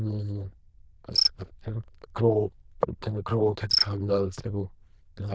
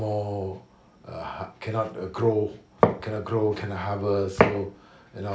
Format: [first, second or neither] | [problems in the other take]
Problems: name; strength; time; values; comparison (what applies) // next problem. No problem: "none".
second | noise reduction (neural diffusion model UNIVERSE++)